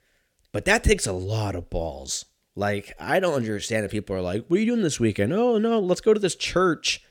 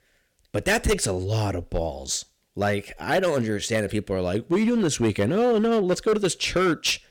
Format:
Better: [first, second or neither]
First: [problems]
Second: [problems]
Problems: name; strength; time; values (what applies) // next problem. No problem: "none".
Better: first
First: none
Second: distortion; slight; 7% of the sound clipped